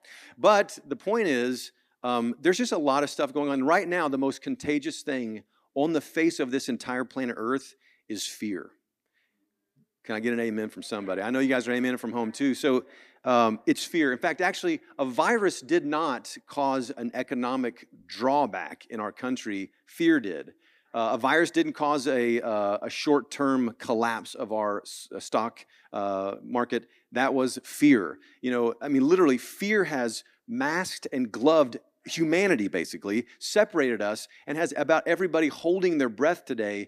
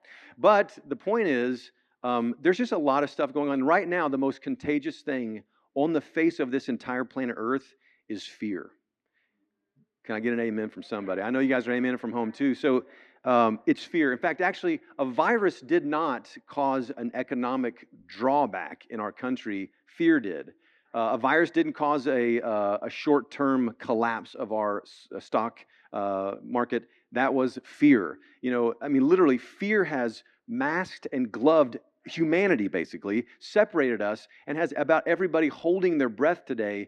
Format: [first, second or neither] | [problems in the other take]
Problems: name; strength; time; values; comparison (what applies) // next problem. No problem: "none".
first | muffled; slightly; fading above 3 kHz